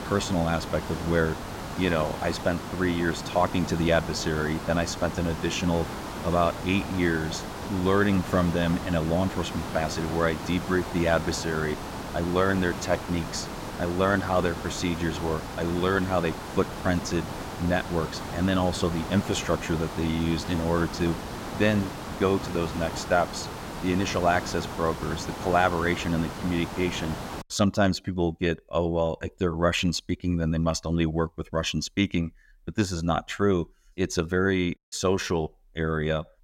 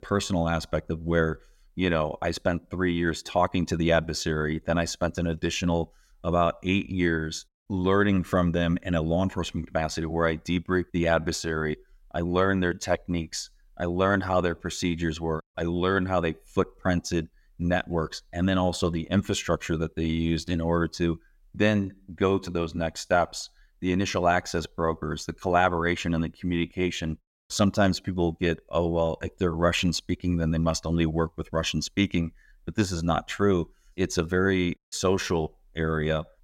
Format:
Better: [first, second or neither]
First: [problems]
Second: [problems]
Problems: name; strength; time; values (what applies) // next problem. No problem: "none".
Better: second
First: hiss; loud; until 27 s; 8 dB below the speech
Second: none